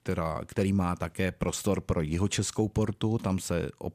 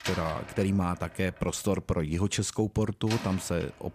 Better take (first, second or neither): first